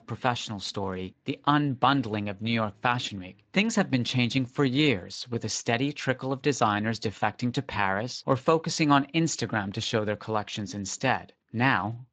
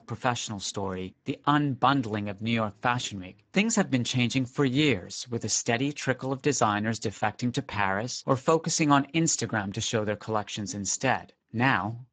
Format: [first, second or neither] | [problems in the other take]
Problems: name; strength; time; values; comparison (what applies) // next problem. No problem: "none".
first | garbled, watery; badly; nothing above 7.5 kHz; slightly in the first